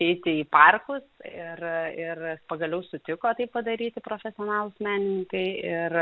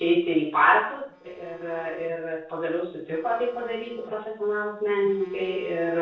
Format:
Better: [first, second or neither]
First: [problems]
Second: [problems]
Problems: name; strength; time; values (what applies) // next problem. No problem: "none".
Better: first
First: none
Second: noise reduction (neural separator model SepFormer DNS4)